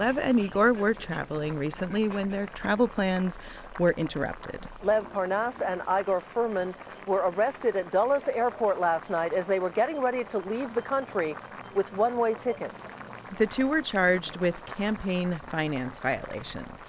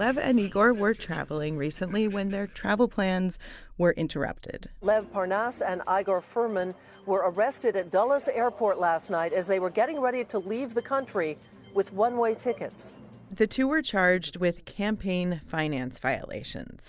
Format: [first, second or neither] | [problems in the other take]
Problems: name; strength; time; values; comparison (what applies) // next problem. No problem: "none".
second | background sound (Boiling); 17 dB below the speech